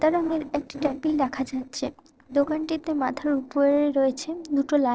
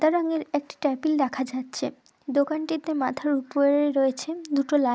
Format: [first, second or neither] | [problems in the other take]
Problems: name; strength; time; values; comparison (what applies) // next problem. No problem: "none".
second | noise reduction (neural separator model SepFormer DNS4)